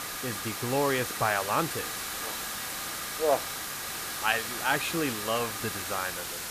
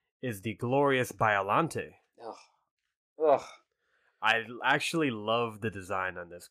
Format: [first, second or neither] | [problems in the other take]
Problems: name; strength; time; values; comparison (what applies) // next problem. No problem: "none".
second | hiss; loud; throughout; 3 dB below the speech